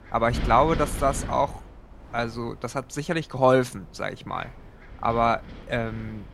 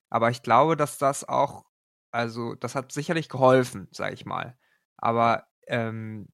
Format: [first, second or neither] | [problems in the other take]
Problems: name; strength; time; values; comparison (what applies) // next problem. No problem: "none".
second | wind noise on the microphone; occasional gusts; 15 dB below the speech